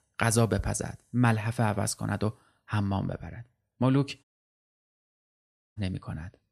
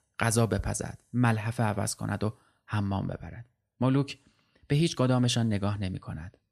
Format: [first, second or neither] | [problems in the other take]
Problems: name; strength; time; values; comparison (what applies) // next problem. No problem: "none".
second | audio cutting out; at 4 s for 1.5 s